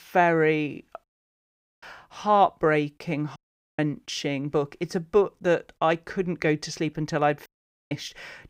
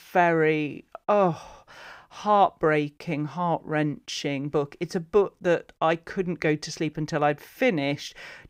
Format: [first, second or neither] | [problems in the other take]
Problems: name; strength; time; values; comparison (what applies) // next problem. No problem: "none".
second | audio cutting out; at 1 s for 1 s, at 3.5 s and at 7.5 s